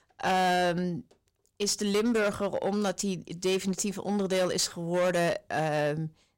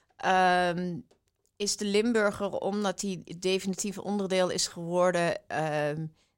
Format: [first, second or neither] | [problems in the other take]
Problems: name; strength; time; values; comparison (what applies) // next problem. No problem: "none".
second | distortion; slight; 10% of the sound clipped